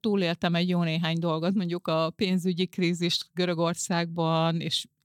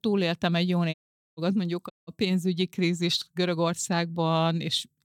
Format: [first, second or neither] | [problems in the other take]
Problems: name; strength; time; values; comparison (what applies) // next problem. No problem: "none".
first | audio cutting out; at 1 s and at 2 s